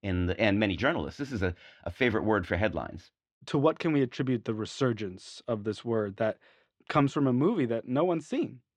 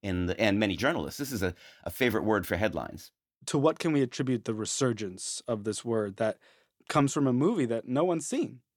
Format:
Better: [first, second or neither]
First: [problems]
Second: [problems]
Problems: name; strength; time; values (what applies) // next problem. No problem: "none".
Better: second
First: muffled; slightly; fading above 3 kHz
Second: none